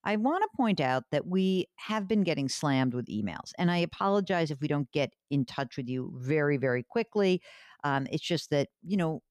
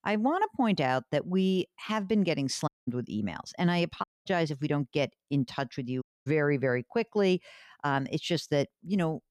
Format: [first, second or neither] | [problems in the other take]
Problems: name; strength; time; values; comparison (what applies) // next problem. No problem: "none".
first | audio cutting out; at 2.5 s, at 4 s and at 6 s